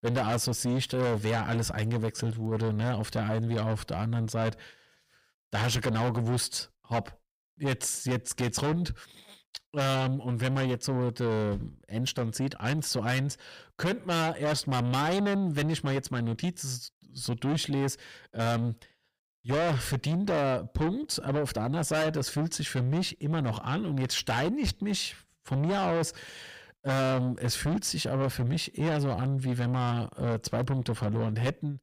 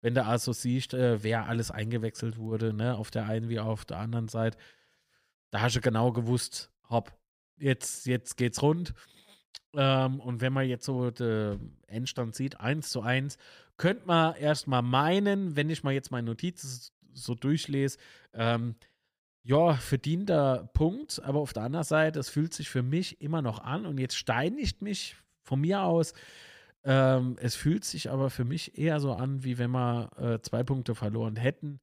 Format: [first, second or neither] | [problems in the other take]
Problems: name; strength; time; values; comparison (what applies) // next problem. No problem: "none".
second | distortion; heavy; 6 dB below the speech